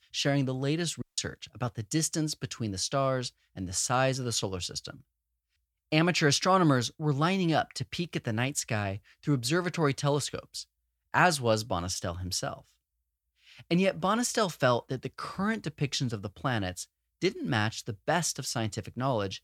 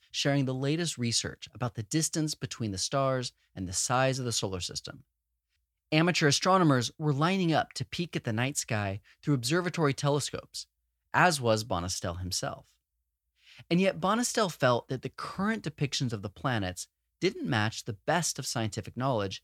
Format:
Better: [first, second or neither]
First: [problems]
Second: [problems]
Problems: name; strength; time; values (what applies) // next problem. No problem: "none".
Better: second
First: audio cutting out; at 1 s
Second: none